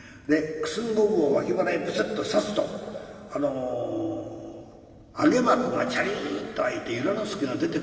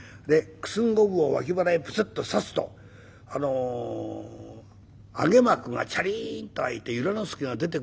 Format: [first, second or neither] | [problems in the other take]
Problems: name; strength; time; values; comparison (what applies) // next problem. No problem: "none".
second | room echo; dies away in 2.7 s